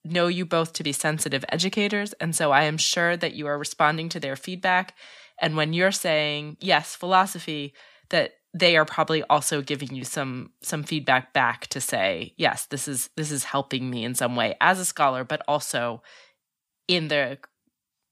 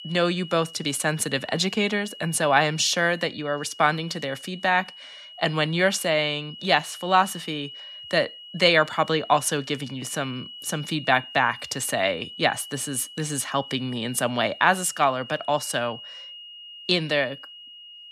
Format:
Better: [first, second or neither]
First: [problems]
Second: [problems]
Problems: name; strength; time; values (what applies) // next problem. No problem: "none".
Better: first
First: none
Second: high-pitched whine; noticeable; throughout; 3 kHz, 15 dB below the speech